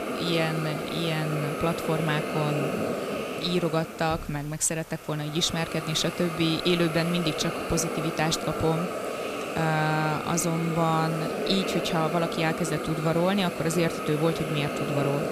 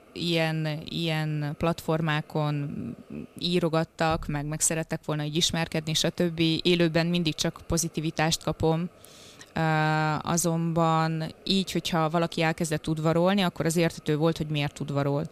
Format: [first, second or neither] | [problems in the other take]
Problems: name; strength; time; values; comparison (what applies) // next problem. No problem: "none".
second | hiss; loud; throughout; 4 dB below the speech; faint in the second